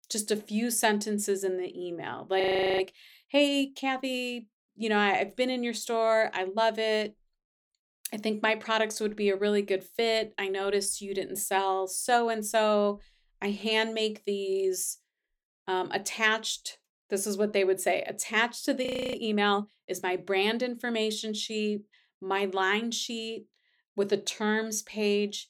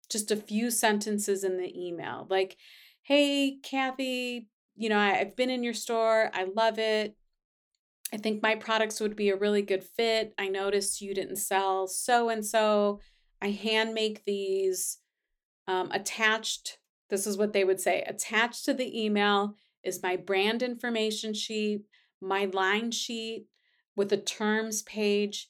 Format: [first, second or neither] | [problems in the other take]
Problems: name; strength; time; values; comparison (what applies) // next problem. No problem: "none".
second | audio freezing; at 2.5 s and at 19 s